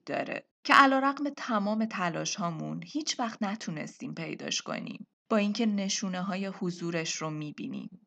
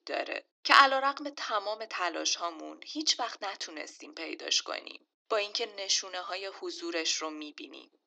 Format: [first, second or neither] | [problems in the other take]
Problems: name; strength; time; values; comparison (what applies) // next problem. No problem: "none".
first | thin; very; fading below 300 Hz